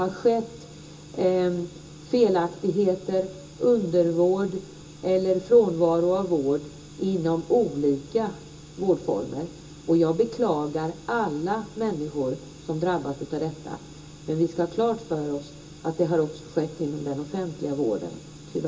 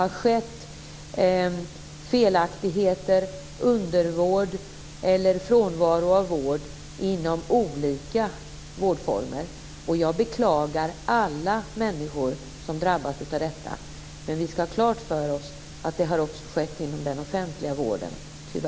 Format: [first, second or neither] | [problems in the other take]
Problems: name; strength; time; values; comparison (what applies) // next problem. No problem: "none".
second | room echo; dies away in 0.2 s